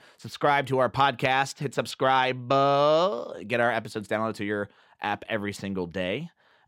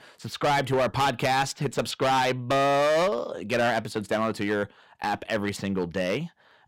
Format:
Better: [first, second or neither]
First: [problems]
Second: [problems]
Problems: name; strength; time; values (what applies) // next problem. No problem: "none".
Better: first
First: none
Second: distortion; heavy; 12% of the sound clipped